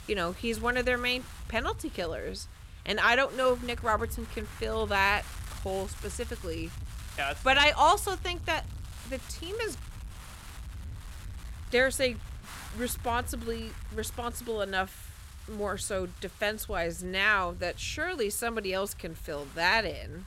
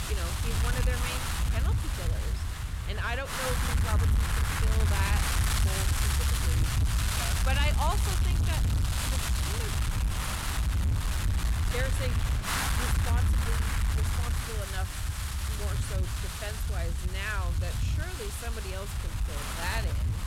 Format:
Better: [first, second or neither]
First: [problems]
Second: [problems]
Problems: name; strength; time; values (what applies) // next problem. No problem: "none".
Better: first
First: wind noise on the microphone; occasional gusts; 20 dB below the speech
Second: wind noise on the microphone; heavy; 3 dB above the speech